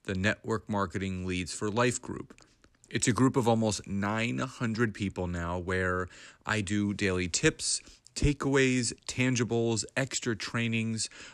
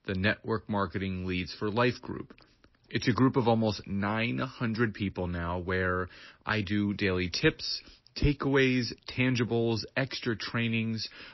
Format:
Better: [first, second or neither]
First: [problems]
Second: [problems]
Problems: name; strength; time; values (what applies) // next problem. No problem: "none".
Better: first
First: none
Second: garbled, watery; slightly; nothing above 5.5 kHz